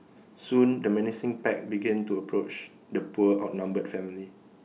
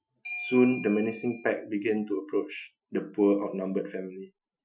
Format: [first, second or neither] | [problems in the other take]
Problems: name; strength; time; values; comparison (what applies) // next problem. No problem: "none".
first | noise reduction (classical method Wiener filter)